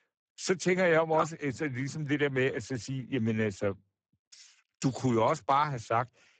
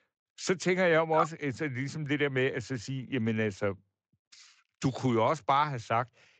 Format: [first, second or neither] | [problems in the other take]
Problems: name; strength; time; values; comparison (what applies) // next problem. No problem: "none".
second | garbled, watery; badly; nothing above 8 kHz; slightly in the second